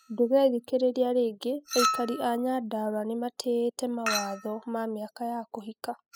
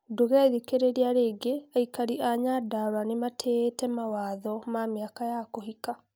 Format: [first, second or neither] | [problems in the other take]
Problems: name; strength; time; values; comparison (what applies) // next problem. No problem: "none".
second | noise reduction (classical method spectral subtraction)